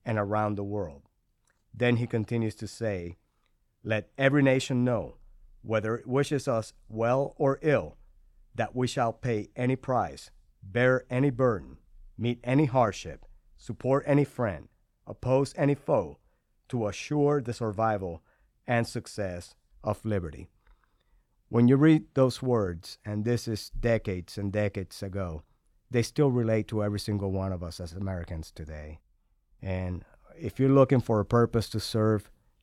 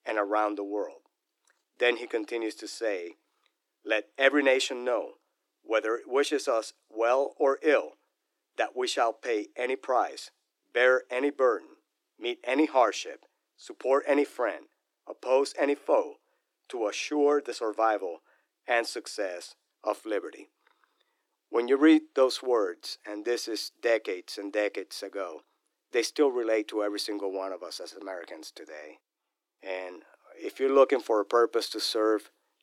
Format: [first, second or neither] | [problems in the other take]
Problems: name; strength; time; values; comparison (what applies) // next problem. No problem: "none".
first | thin; somewhat; fading below 300 Hz